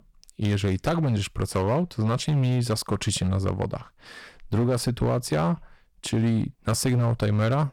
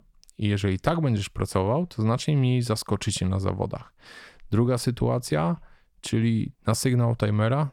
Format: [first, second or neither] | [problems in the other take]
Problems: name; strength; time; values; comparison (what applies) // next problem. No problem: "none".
second | distortion; slight; 9% of the sound clipped